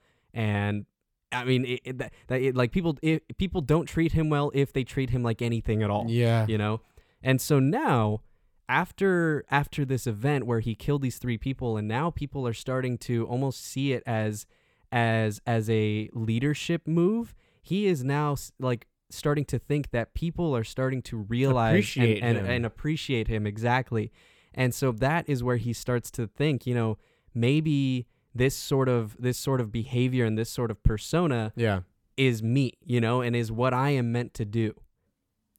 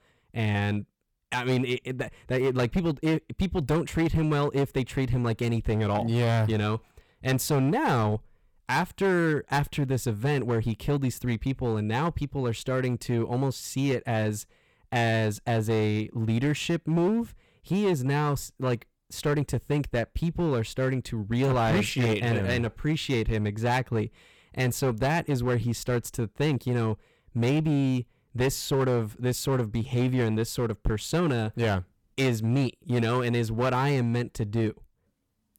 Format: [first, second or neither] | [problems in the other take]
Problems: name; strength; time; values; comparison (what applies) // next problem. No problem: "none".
first | distortion; slight; 10% of the sound clipped